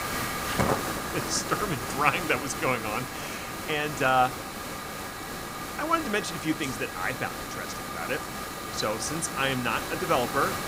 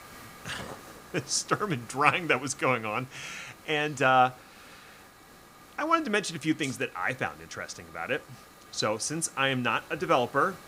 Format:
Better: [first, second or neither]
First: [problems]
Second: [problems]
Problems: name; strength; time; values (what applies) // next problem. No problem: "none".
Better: second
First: hiss; loud; throughout; 4 dB below the speech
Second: hiss; faint; throughout; 20 dB below the speech